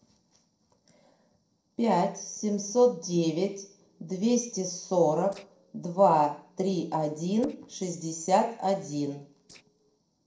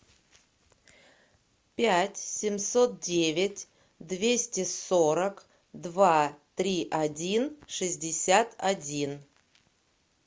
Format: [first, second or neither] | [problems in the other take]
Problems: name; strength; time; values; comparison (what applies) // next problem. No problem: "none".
second | noise reduction (neural separator model SepFormer DNS4)